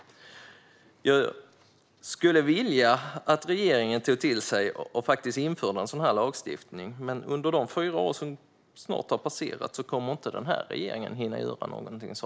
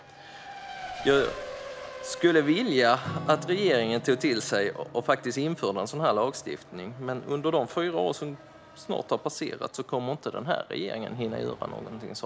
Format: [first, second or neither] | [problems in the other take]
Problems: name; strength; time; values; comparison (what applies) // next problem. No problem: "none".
first | background sound (Acoustic guitar / Strum + Race car, auto racing); 14 dB below the speech